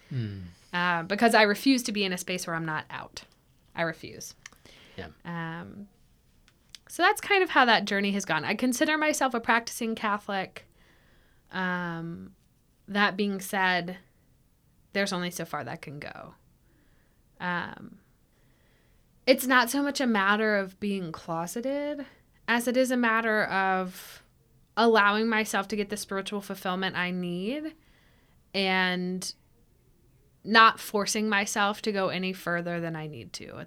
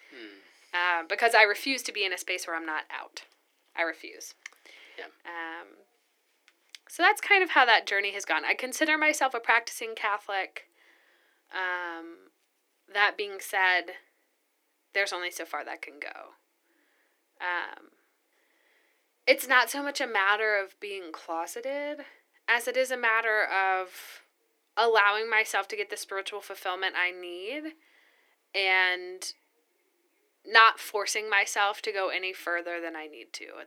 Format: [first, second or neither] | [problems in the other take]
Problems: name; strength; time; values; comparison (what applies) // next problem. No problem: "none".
first | thin; very; fading below 300 Hz